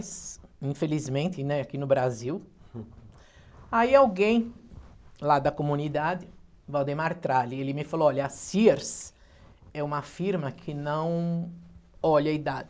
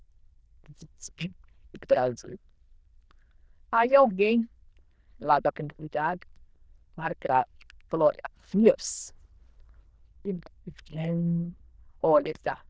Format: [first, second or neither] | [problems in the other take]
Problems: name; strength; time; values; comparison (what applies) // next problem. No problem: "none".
first | noise reduction (neural diffusion model UNIVERSE++)